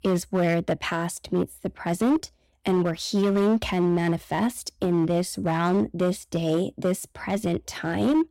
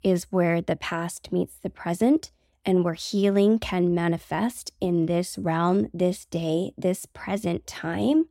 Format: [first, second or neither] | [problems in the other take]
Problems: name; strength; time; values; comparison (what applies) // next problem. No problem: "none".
second | distortion; slight; 9% of the sound clipped